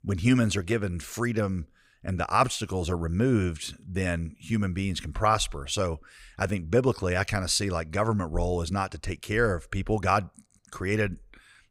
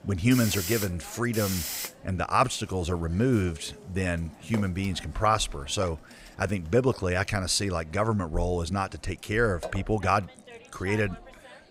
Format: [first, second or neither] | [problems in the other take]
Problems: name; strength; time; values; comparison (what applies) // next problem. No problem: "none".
first | hiss; loud; throughout; 10 dB below the speech